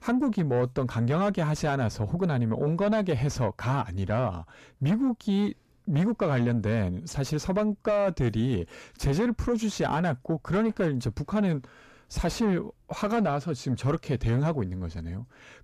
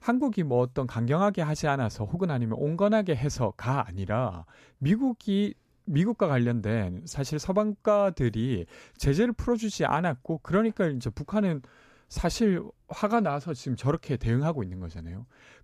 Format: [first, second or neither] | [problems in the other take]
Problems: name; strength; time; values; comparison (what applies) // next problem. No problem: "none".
second | distortion; slight; 10 dB below the speech